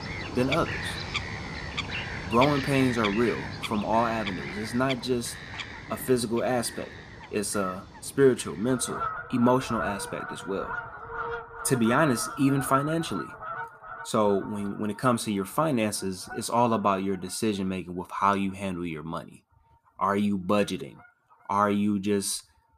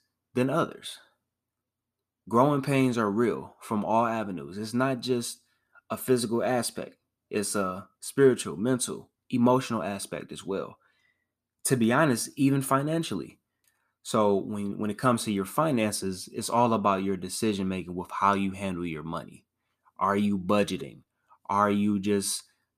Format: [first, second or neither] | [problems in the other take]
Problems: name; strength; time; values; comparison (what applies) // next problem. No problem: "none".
second | animal sounds; loud; throughout; 8 dB below the speech